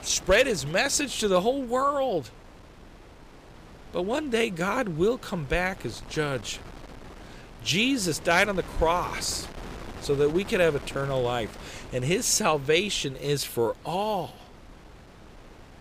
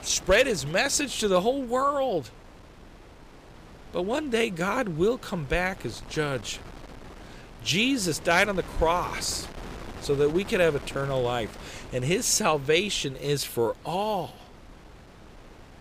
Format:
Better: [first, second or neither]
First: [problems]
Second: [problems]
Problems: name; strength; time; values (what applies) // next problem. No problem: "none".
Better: neither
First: wind noise on the microphone; occasional gusts; 20 dB below the speech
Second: wind noise on the microphone; occasional gusts; 20 dB below the speech